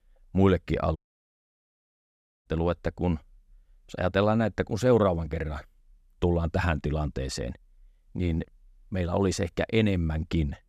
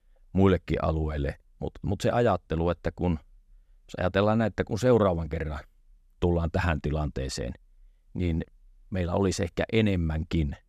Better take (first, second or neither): second